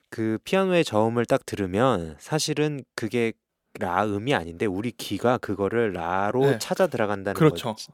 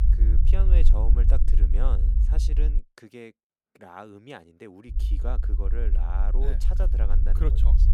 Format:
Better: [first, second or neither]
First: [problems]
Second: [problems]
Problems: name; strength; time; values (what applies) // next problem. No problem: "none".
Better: first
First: none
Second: low rumble; loud; until 3 s and from 5 s on; 4 dB below the speech